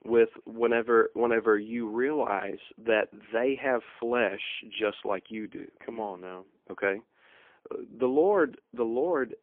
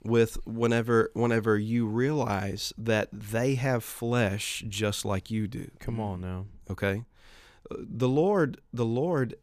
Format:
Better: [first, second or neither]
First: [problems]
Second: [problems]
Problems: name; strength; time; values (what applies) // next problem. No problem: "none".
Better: second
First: phone-call audio; poor line; nothing above 3.5 kHz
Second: none